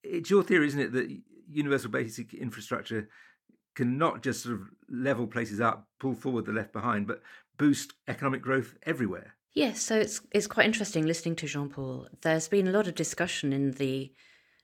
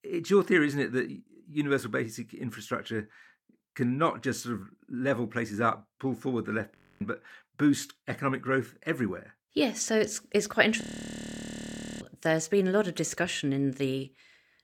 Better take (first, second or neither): first